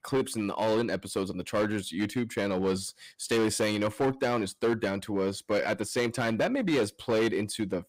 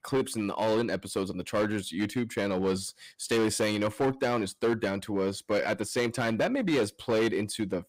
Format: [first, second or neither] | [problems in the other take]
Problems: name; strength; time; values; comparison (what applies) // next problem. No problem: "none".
neither | distortion; slight; 8% of the sound clipped; the same in both